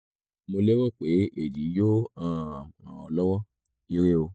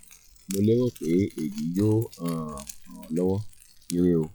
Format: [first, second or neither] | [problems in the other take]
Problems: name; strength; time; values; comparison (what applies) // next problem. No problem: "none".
first | noise reduction (classical method log-MMSE)